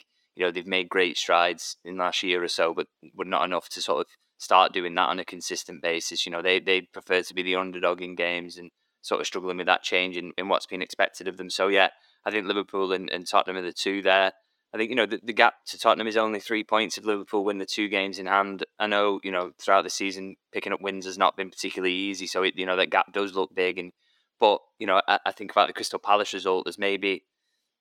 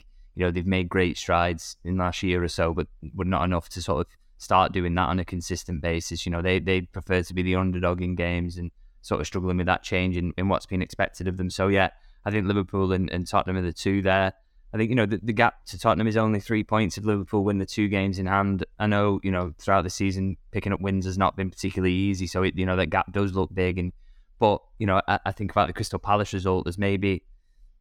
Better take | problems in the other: second | thin; somewhat; fading below 350 Hz

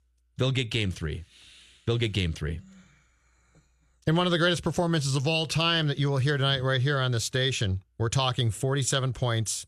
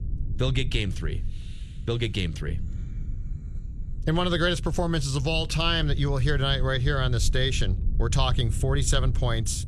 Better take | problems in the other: first | low rumble; faint; throughout; 20 dB below the speech

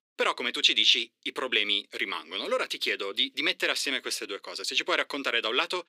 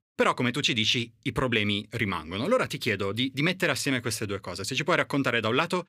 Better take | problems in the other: second | thin; somewhat; fading below 350 Hz

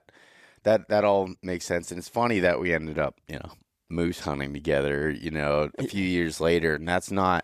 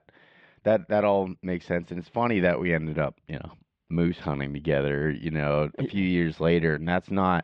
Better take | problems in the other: first | muffled; slightly; fading above 3 kHz

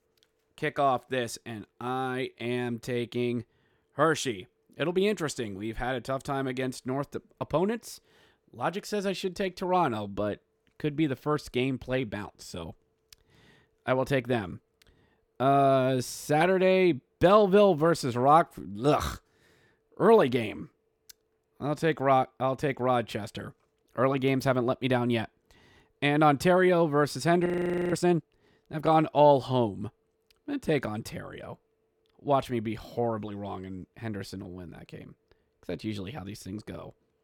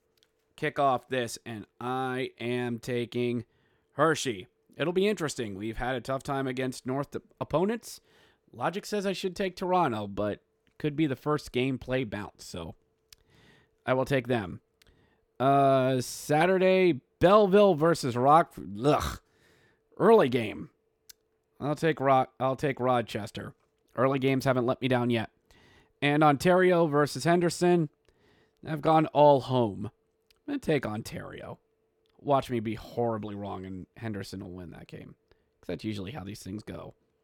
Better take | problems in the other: second | audio freezing; at 27 s

